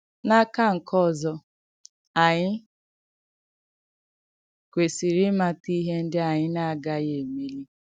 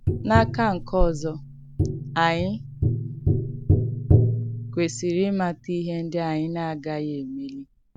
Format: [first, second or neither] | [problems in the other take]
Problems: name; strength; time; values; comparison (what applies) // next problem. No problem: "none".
first | background sound (Tap); 1 dB above the speech